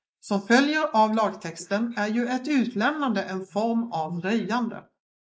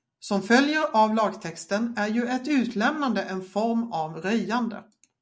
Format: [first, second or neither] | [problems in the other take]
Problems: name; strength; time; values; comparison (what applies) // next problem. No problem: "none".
second | noise reduction (neural mask model Resemble Enhance denoiser)